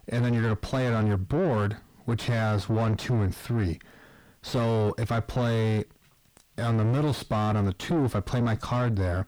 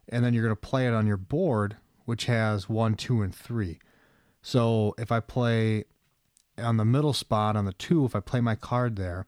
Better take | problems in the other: second | distortion; heavy; 6 dB below the speech

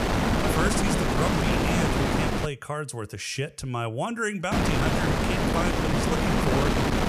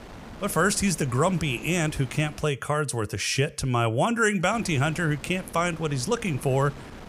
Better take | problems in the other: second | wind noise on the microphone; heavy; until 2.5 s and from 4.5 s on; 5 dB above the speech; occasional gusts in the second

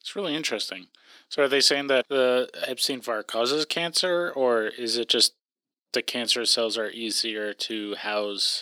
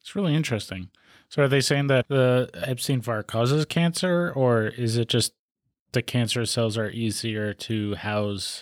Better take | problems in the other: second | thin; somewhat; fading below 300 Hz

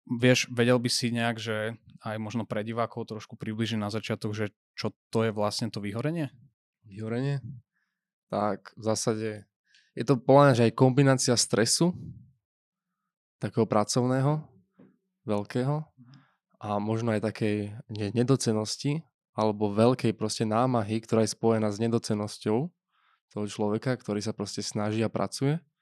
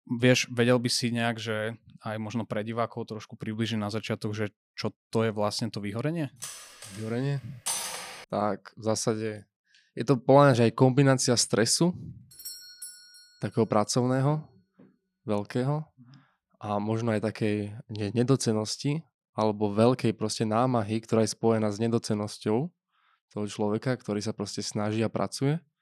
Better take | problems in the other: first | clattering dishes; noticeable; from 6.5 to 8 s; peak 2 dB below the speech // doorbell; faint; at 12 s; peak 10 dB below the speech

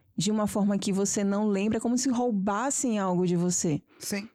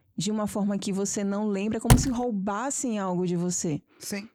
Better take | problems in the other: first | door banging; loud; at 2 s; peak 6 dB above the speech

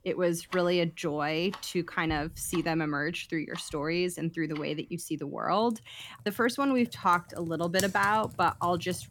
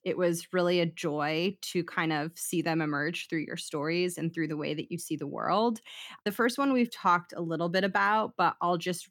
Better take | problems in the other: second | household noises; noticeable; throughout; 15 dB below the speech

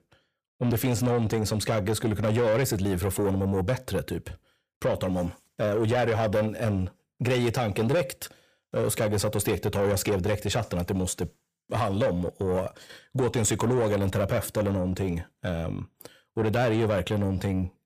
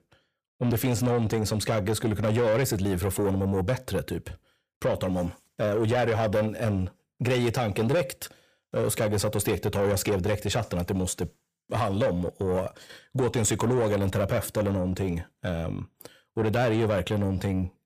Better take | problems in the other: neither | distortion; slight; 10 dB below the speech; the same in both

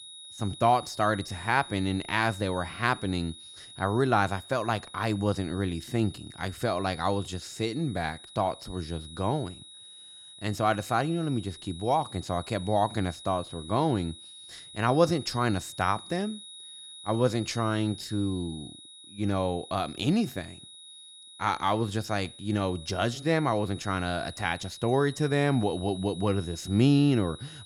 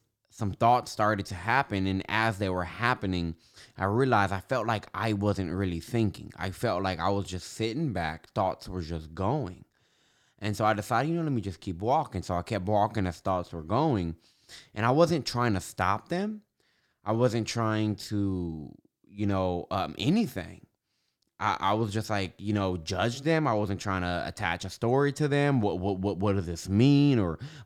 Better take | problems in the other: second | high-pitched whine; noticeable; throughout; 4 kHz, 15 dB below the speech

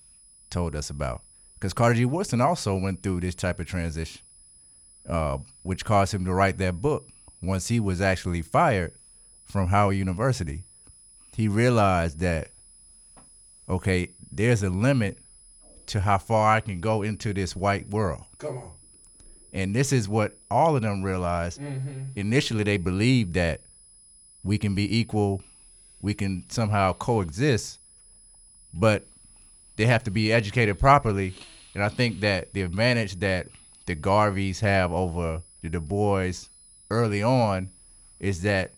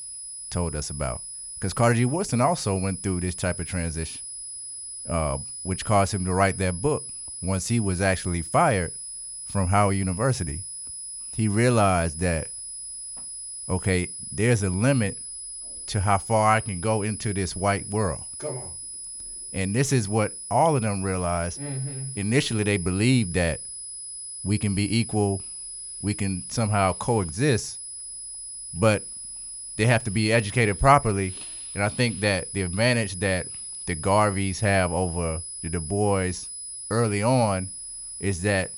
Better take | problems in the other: first | high-pitched whine; loud; throughout; 10 kHz, 9 dB below the speech; faint in the first

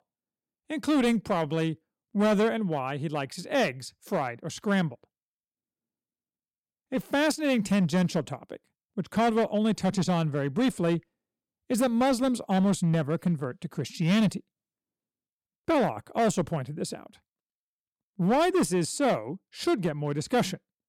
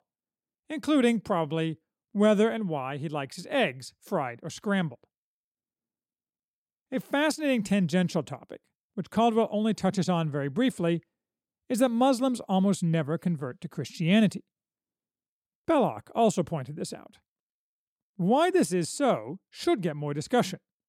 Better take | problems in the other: second | distortion; slight; 7% of the sound clipped

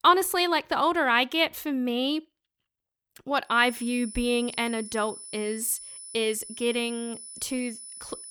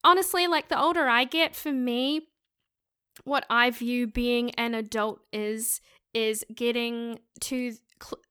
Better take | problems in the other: second | high-pitched whine; noticeable; from 3.5 s on; 10 kHz, 15 dB below the speech

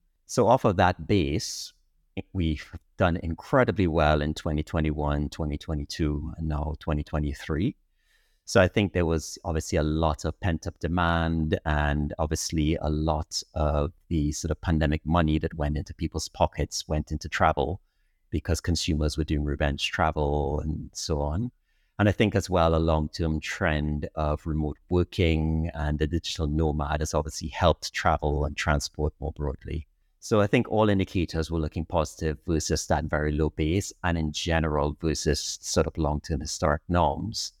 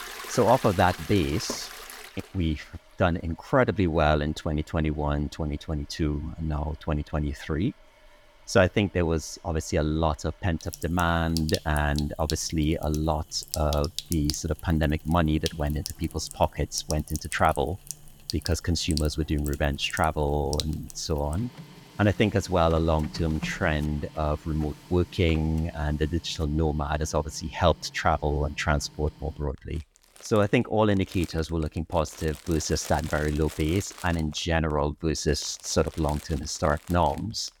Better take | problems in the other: first | household noises; noticeable; throughout; 15 dB below the speech

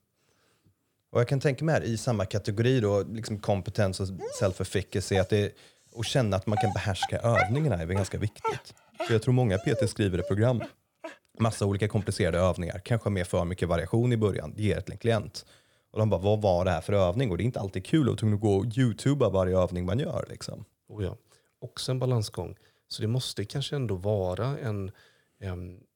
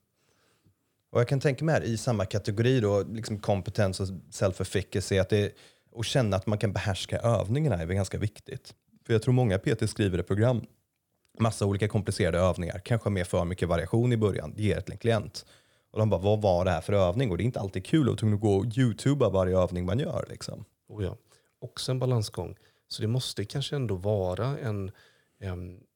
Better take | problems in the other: second | dog barking; noticeable; from 4 to 12 s; peak level with the speech

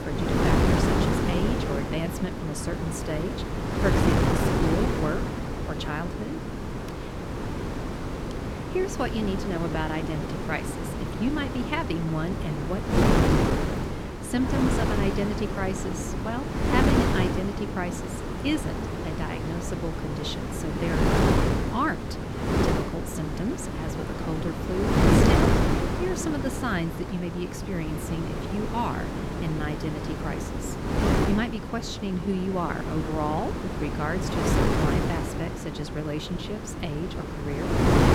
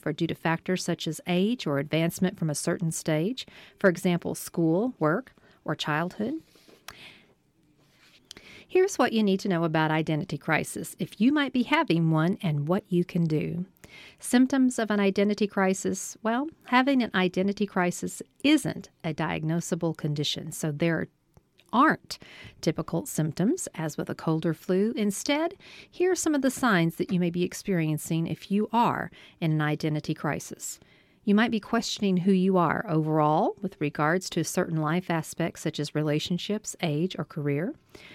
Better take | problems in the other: second | wind noise on the microphone; heavy; 2 dB above the speech

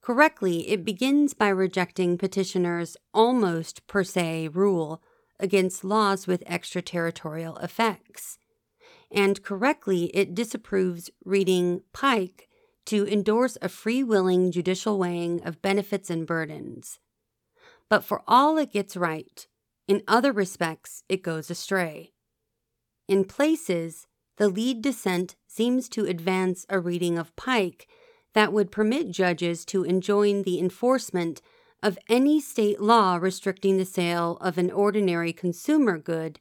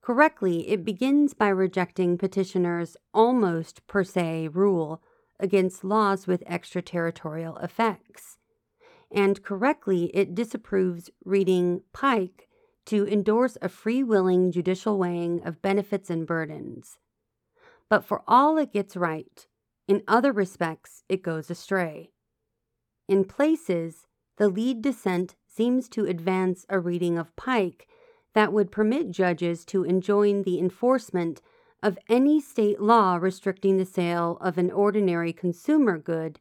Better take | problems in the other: first | muffled; slightly; fading above 2.5 kHz

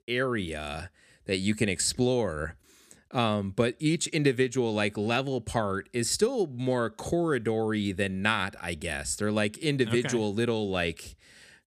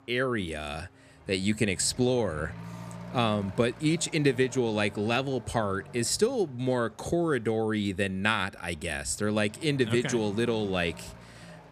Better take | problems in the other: first | traffic noise; noticeable; throughout; 20 dB below the speech

